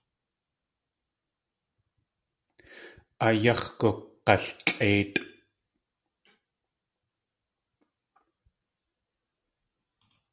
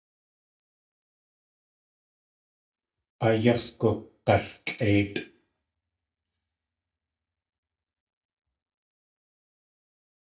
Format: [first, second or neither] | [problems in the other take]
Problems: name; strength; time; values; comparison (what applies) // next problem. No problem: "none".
first | noise reduction (neural mask model DeepFilterNet 3)